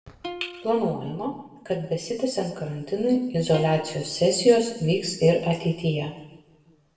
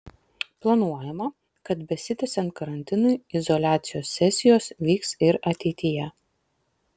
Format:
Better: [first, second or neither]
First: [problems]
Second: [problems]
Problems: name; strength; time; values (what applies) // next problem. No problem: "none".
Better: second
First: background sound (Plucked string instrument); 20 dB below the speech // room echo; dies away in 0.9 s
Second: none